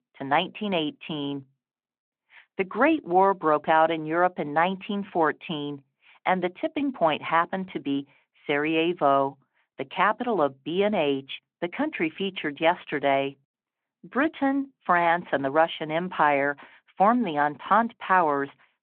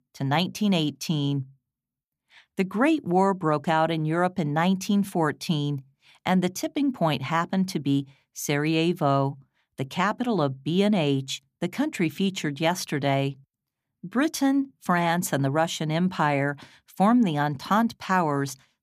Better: second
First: phone-call audio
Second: none

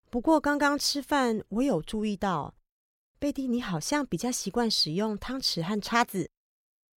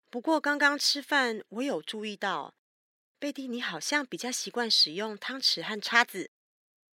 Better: first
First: none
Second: thin; very slightly; fading below 250 Hz

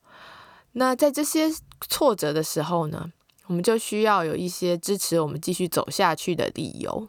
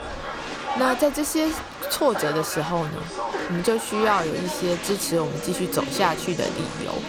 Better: first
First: none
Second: crowd noise; loud; throughout; 5 dB below the speech

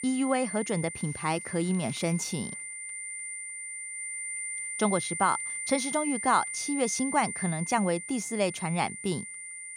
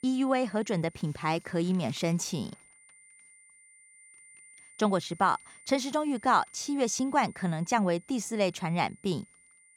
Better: second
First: high-pitched whine; loud; throughout; 9 kHz, 5 dB below the speech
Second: high-pitched whine; faint; throughout; 9 kHz, 25 dB below the speech

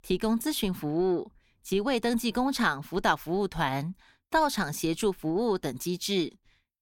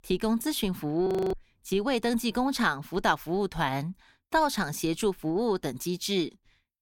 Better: first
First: none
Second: audio freezing; at 1 s

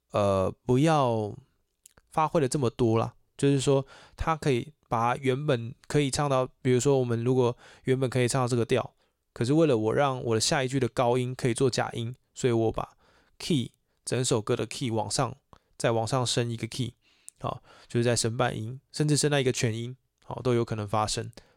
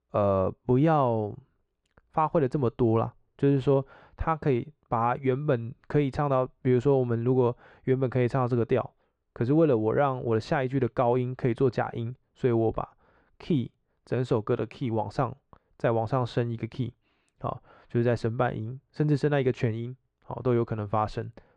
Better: first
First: none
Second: muffled; very; fading above 1.5 kHz

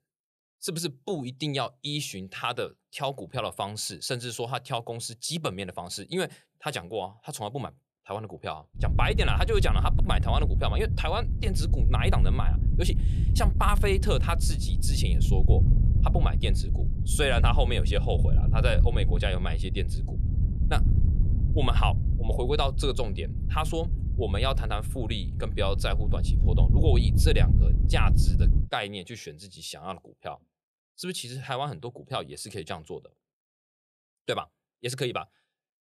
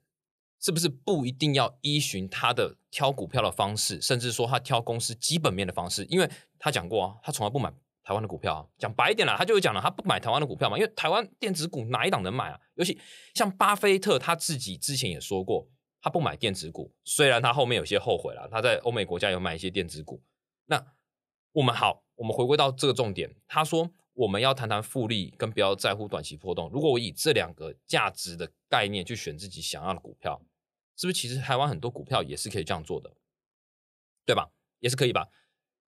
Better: second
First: wind noise on the microphone; occasional gusts; from 9 to 29 s; 10 dB below the speech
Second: none

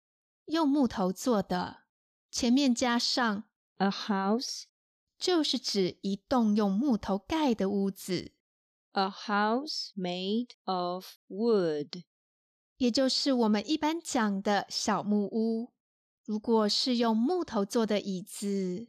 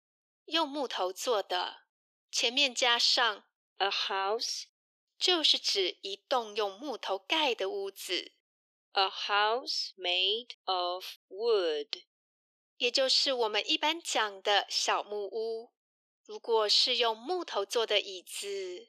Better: first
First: none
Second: thin; very; fading below 350 Hz

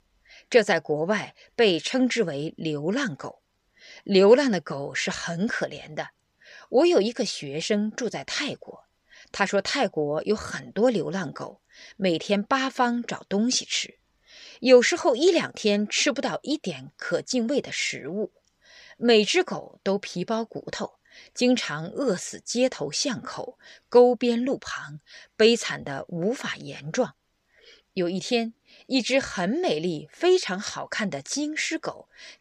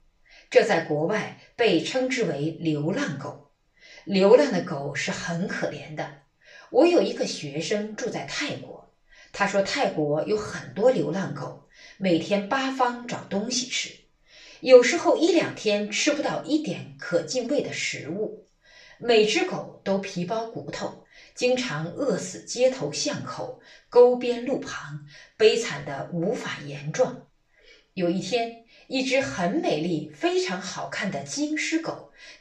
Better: first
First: none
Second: room echo; slight; dies away in 0.3 s // off-mic speech; far

